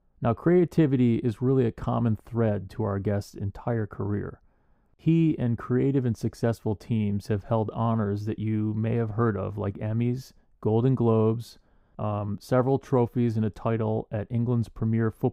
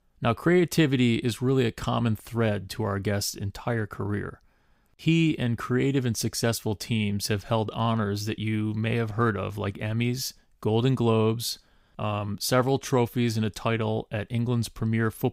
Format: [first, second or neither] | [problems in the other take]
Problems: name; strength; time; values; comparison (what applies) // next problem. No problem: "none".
second | muffled; very; fading above 1.5 kHz